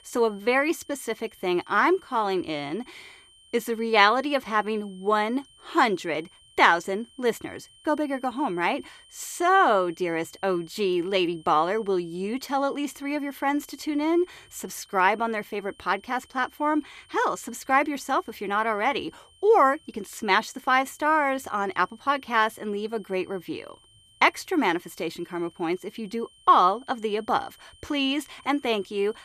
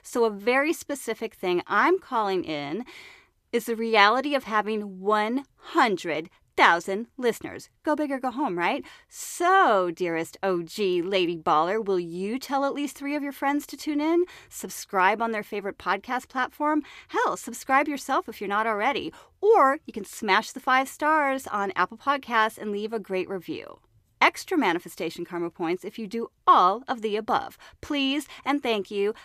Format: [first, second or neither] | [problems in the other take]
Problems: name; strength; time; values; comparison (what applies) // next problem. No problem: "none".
second | high-pitched whine; faint; throughout; 3 kHz, 30 dB below the speech